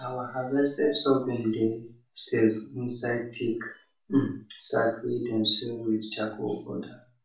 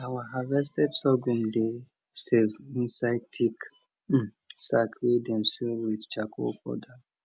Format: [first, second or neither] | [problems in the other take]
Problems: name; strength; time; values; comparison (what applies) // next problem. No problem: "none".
second | room echo; dies away in 0.3 s